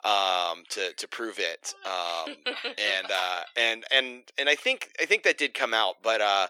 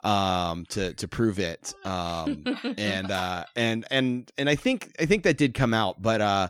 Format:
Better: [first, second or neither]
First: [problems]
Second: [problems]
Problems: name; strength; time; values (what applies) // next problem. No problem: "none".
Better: second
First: thin; very; fading below 450 Hz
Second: none